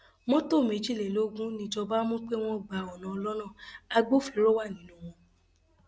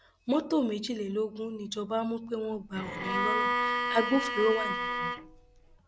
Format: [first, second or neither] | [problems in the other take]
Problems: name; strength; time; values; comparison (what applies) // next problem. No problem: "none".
first | background sound (Bowed string instrument); as loud as the speech